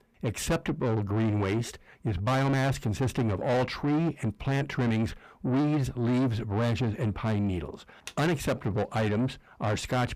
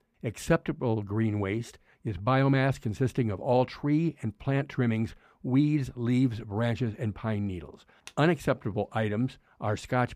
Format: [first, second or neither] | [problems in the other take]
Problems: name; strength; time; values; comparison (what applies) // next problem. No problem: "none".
second | distortion; heavy; 7 dB below the speech